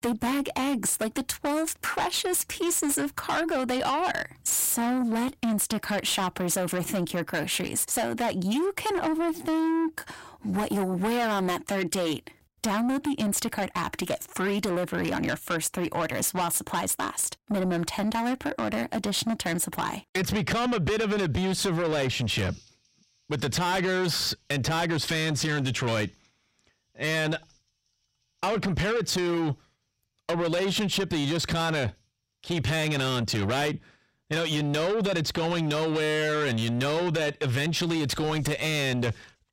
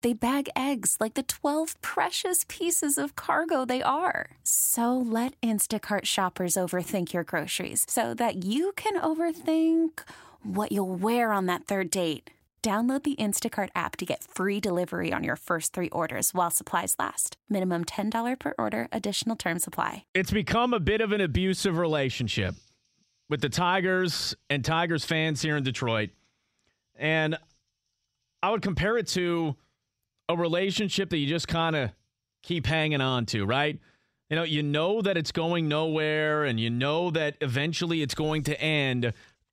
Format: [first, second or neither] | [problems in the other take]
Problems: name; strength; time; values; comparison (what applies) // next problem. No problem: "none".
second | distortion; heavy; 7 dB below the speech